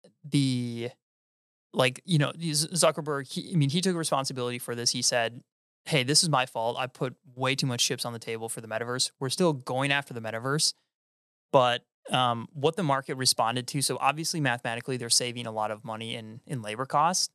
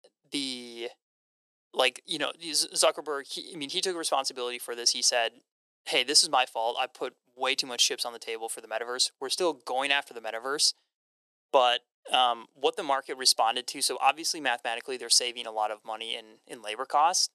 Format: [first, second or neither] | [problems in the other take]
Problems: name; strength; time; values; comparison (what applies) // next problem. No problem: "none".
first | thin; very; fading below 350 Hz